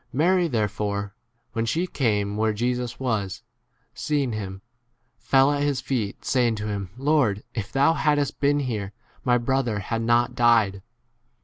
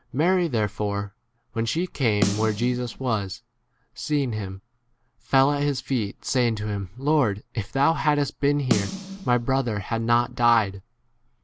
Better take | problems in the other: first | background sound (Snare drum); 8 dB below the speech

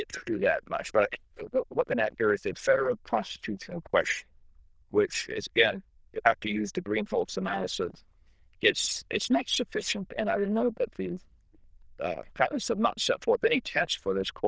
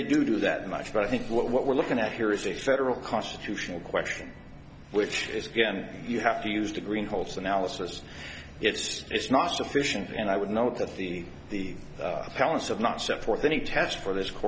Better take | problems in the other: second | noise reduction (neural diffusion model UNIVERSE++)

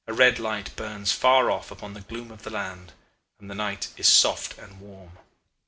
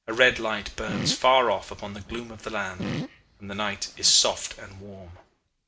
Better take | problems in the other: first | background sound (Fart); 10 dB below the speech

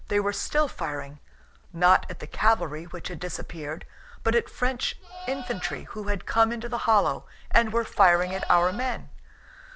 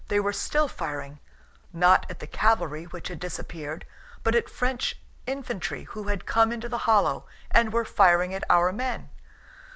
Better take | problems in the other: second | background sound (Livestock, farm animals, working animals + Splash, splatter); 16 dB below the speech

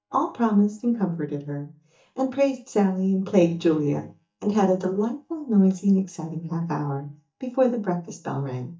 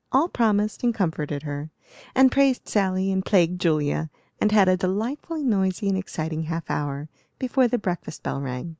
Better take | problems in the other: second | noise reduction (neural mask model DeepFilterNet 3)

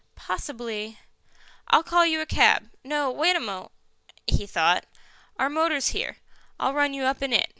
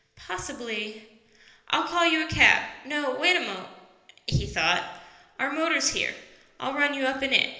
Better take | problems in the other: first | room echo; dies away in 0.8 s

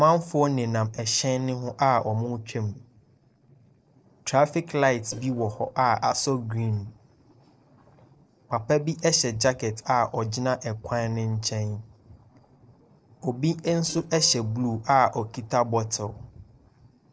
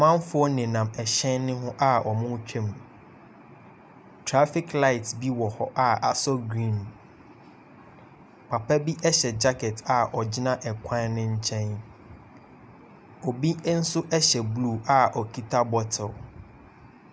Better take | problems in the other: second | noise reduction (neural separator model SepFormer DNS4)

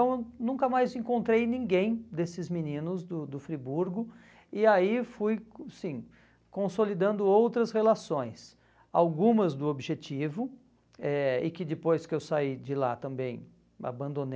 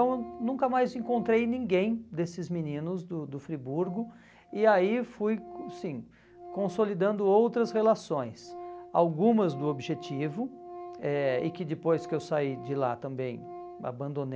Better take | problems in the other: first | background sound (Organ); 17 dB below the speech

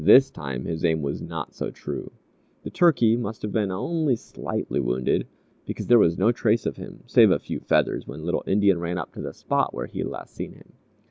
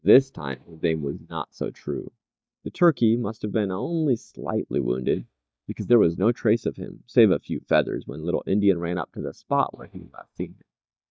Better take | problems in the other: first | noise reduction (neural mask model DeepFilterNet 3)

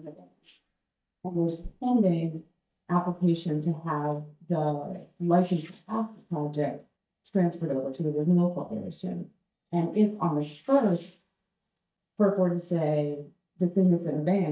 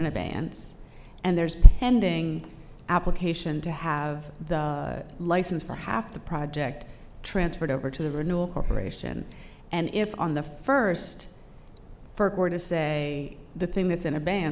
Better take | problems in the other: second | noise reduction (neural mask model DeepFilterNet 3)

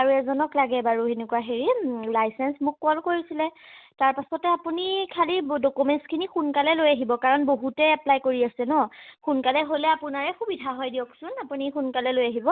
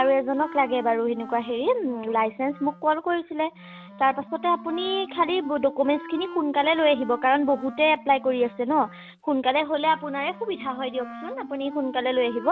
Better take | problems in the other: first | background sound (Wind instrument, woodwind instrument); 16 dB below the speech

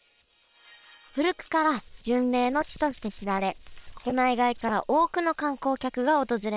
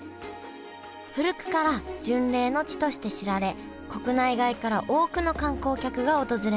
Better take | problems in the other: second | noise reduction (neural separator model SepFormer WHAM!)

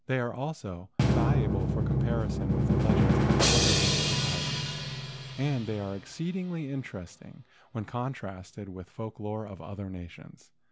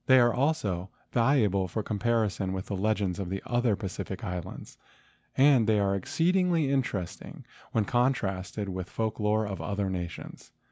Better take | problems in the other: second | background sound (Drum); 5 dB above the speech

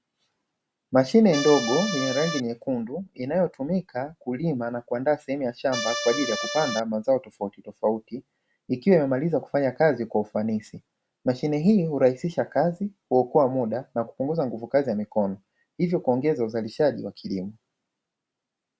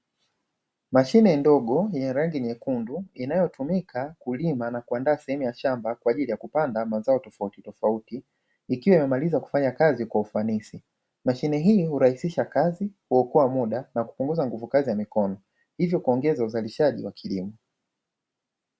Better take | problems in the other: second | background sound (Accordion); 4 dB below the speech

